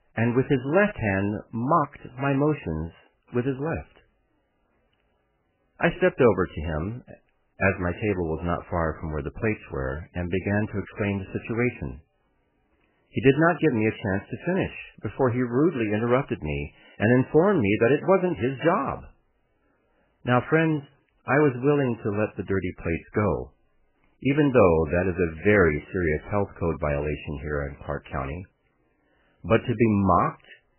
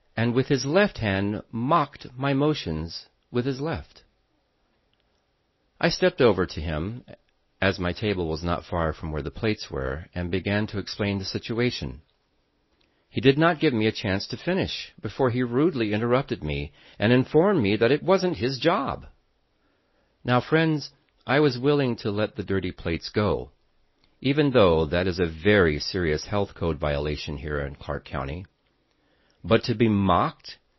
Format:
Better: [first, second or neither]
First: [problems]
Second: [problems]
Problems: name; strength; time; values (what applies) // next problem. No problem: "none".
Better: second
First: garbled, watery; badly; nothing above 3 kHz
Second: garbled, watery; slightly; nothing above 5.5 kHz